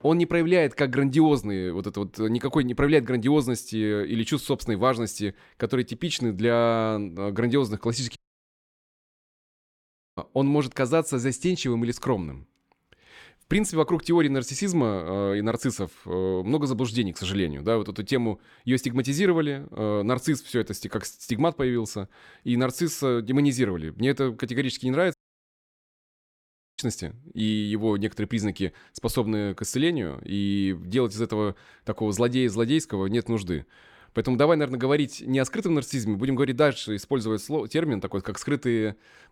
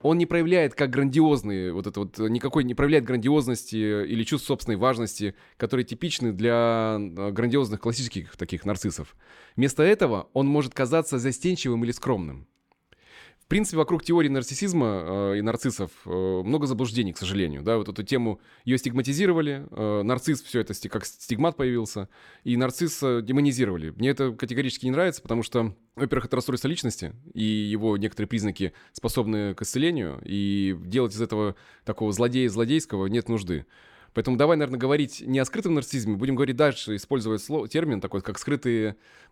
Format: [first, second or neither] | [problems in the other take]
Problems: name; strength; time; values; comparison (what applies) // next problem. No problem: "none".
second | audio cutting out; at 8 s for 2 s and at 25 s for 1.5 s